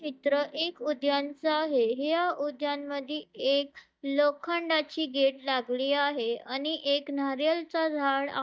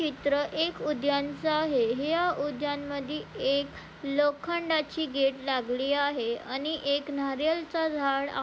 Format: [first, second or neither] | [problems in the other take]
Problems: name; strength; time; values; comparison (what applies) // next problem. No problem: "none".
second | noise reduction (neural mask model DeepFilterNet 3)